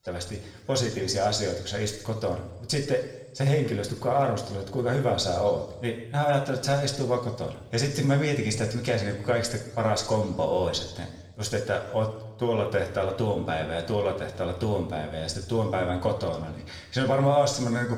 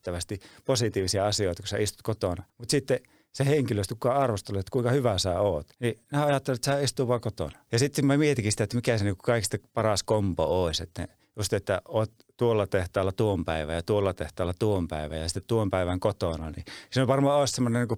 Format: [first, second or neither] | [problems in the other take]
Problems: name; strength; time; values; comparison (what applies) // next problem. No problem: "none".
second | room echo; slight; dies away in 1 s // off-mic speech; somewhat distant